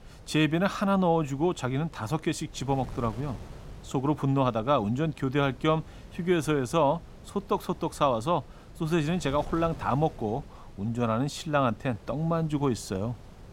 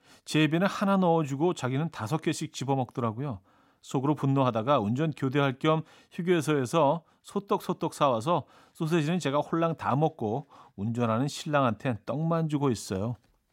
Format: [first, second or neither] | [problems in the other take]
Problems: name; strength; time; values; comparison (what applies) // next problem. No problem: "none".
second | wind noise on the microphone; occasional gusts; 25 dB below the speech